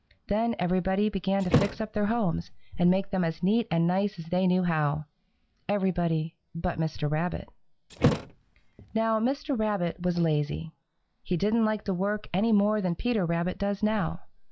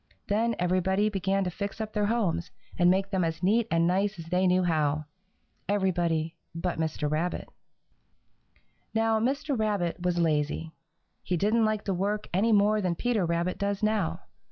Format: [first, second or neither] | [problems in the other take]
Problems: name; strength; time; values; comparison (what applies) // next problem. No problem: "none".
second | background sound (Thump, thud); 4 dB below the speech